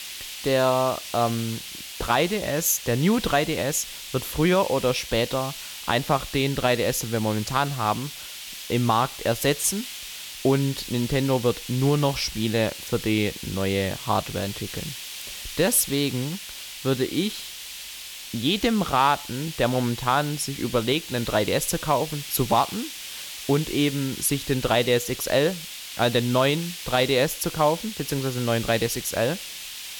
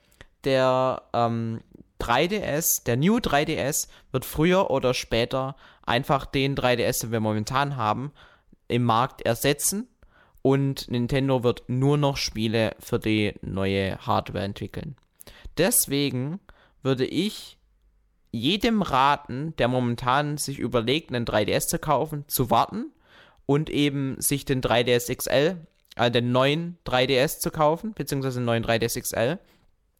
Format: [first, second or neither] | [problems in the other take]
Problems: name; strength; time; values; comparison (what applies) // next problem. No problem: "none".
second | hiss; noticeable; throughout; 10 dB below the speech